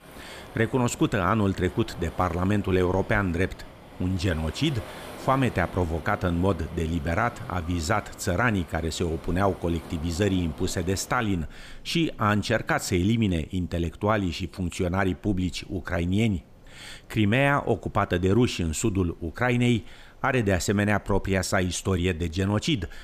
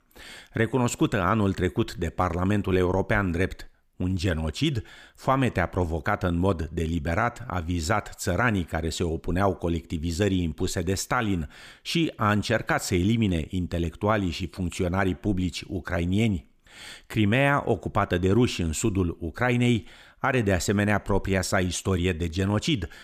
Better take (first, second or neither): second